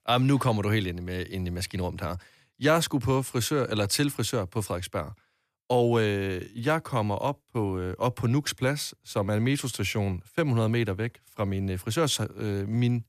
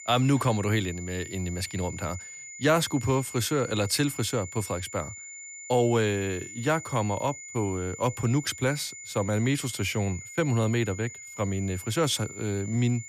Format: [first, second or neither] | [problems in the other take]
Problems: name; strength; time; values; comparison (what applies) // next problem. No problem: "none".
first | high-pitched whine; noticeable; throughout; 7 kHz, 10 dB below the speech